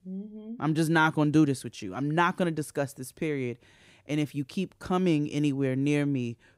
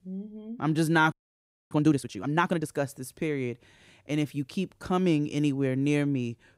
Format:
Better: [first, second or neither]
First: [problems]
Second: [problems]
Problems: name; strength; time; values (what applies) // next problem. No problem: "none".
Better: first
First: none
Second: audio freezing; at 1 s for 0.5 s